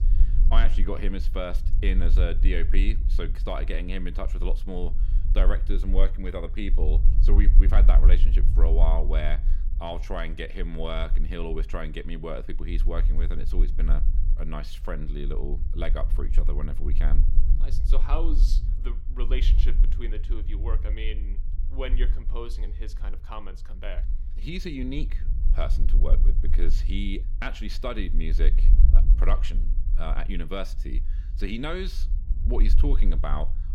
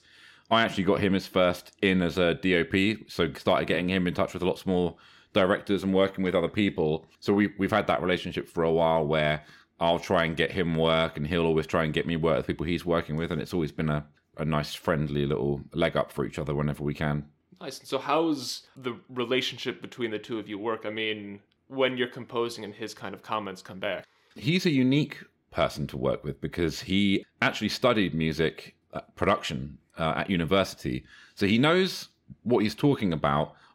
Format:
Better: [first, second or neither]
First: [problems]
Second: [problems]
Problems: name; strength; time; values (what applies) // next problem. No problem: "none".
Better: second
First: low rumble; noticeable; throughout; 15 dB below the speech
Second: none